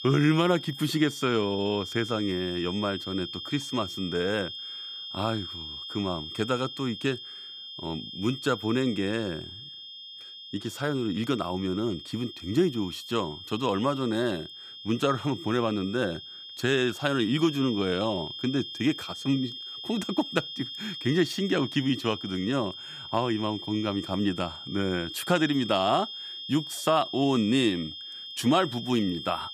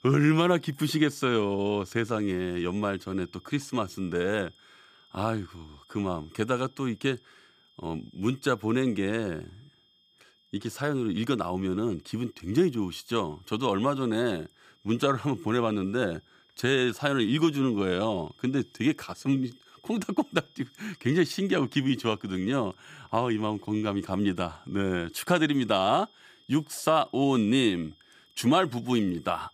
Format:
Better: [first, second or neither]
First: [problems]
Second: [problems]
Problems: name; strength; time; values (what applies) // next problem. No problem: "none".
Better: second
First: high-pitched whine; loud; throughout; 3 kHz, 9 dB below the speech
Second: high-pitched whine; faint; throughout; 3 kHz, 30 dB below the speech